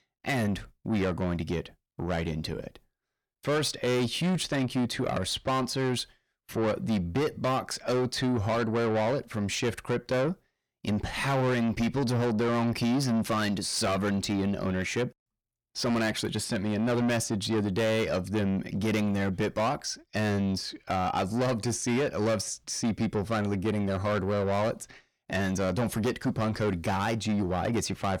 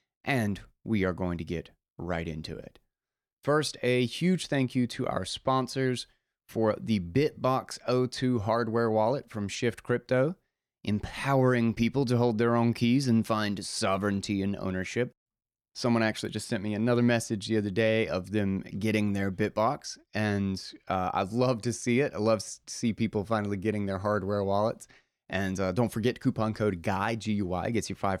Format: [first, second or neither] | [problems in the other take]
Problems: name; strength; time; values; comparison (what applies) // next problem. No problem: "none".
second | distortion; heavy; 8 dB below the speech